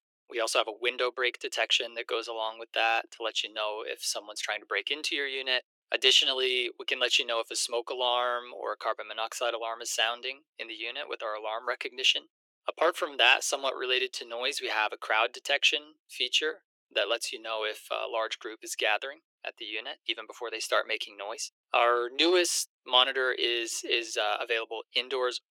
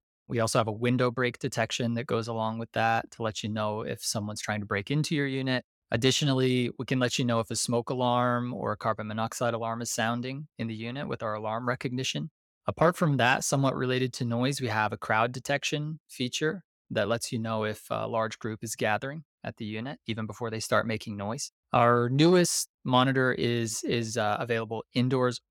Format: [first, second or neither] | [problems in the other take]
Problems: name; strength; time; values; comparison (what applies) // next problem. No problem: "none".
second | thin; very; fading below 350 Hz